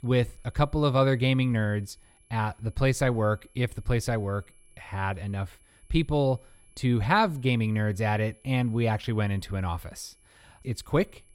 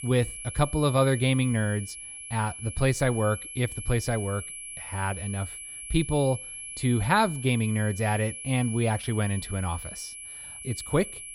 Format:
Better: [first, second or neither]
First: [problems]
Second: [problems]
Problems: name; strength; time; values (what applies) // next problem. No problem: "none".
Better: first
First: high-pitched whine; faint; throughout; 11 kHz, 35 dB below the speech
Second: high-pitched whine; loud; throughout; 11 kHz, 10 dB below the speech